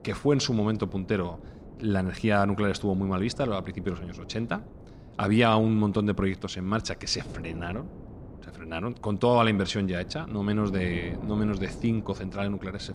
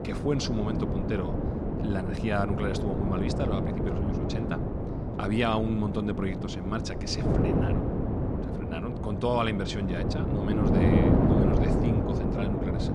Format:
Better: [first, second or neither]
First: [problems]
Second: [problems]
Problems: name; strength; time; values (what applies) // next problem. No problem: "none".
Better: first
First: wind noise on the microphone; occasional gusts; 20 dB below the speech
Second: wind noise on the microphone; heavy; as loud as the speech